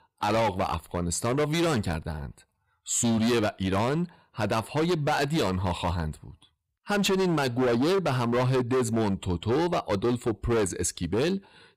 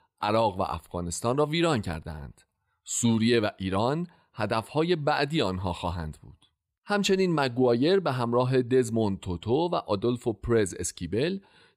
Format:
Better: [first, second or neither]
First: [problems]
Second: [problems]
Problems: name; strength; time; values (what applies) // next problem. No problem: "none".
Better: second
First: distortion; heavy; 18% of the sound clipped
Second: none